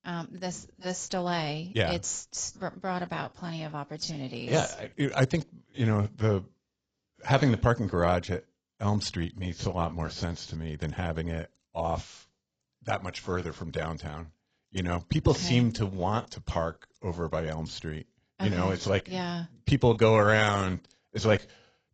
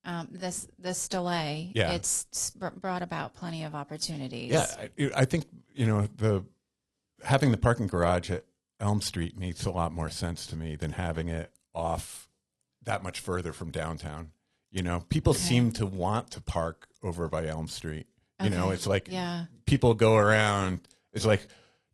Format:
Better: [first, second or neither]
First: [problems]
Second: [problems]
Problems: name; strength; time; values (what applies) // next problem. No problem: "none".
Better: second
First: garbled, watery; badly; nothing above 7.5 kHz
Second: garbled, watery; slightly; nothing above 11.5 kHz